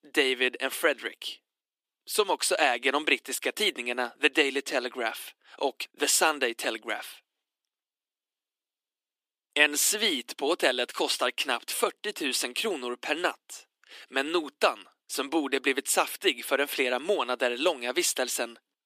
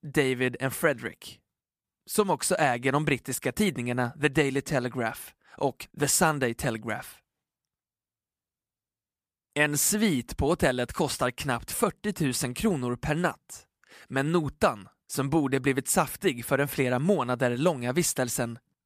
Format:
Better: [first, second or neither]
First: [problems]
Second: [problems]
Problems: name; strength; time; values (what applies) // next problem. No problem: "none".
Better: second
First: thin; somewhat; fading below 300 Hz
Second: none